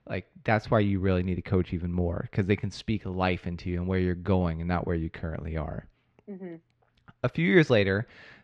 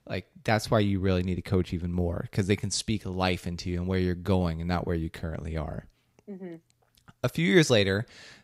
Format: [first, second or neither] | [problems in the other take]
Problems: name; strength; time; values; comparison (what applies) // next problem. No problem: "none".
second | muffled; slightly; fading above 2.5 kHz